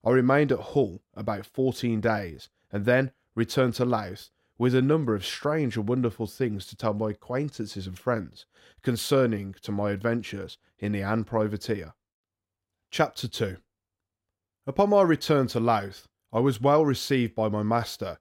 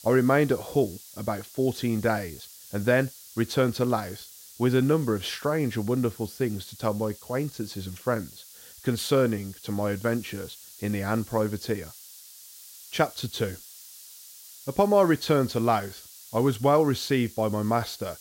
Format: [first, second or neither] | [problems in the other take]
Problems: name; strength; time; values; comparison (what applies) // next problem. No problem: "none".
first | hiss; noticeable; throughout; 20 dB below the speech